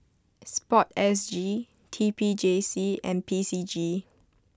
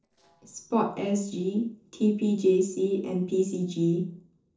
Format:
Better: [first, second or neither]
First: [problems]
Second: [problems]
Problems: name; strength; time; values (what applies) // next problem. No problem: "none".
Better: first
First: none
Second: noise reduction (neural separator model SepFormer DNS4)